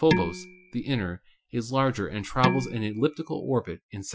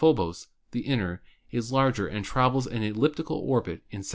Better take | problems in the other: second | noise reduction (classical method Wiener filter)

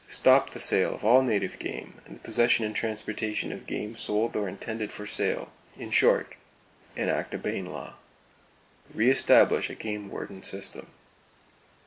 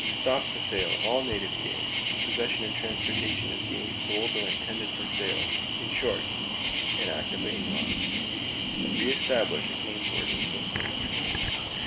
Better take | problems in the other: first | background sound (Cricket); 5 dB above the speech

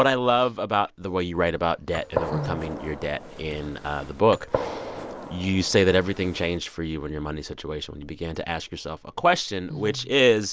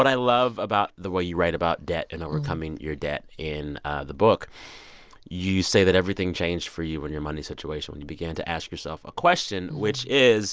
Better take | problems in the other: second | background sound (Gunshot, gunfire); 9 dB below the speech

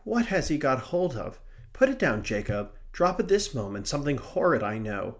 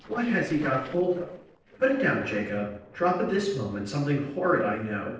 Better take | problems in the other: first | noise reduction (neural separator model SepFormer DNS4)

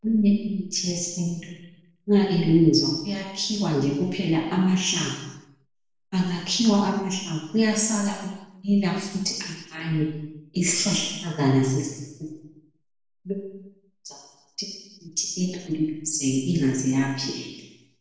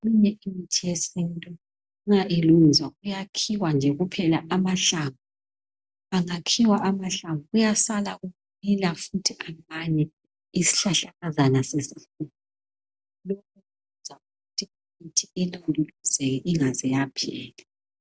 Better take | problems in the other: second | room echo; dies away in 0.9 s

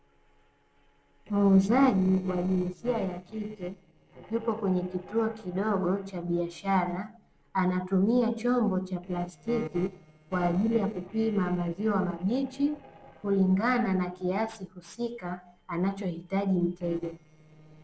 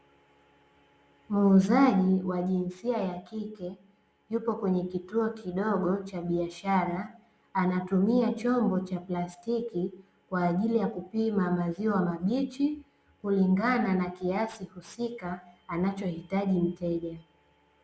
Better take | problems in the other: second | noise reduction (neural separator model SepFormer DNS4)

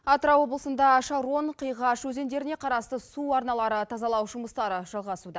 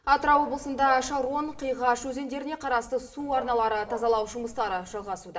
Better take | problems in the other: first | background sound (Dog); 16 dB below the speech // room echo; dies away in 0.5 s

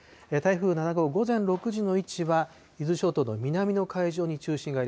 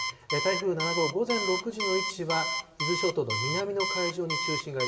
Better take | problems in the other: first | background sound (Alarm); 2 dB below the speech // room echo; dies away in 0.9 s

